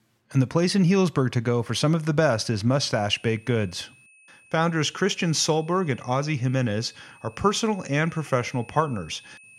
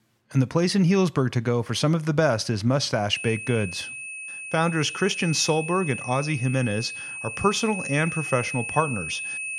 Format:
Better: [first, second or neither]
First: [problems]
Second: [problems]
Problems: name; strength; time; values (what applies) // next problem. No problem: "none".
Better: first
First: high-pitched whine; faint; from 3 s on; 2.5 kHz, 25 dB below the speech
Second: high-pitched whine; loud; from 3 s on; 2.5 kHz, 7 dB below the speech